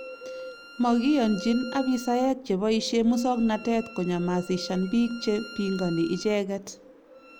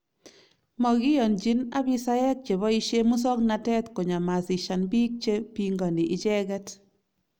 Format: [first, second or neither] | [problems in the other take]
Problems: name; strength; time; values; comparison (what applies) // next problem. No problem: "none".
second | background sound (Bird + Bowed string instrument); 16 dB below the speech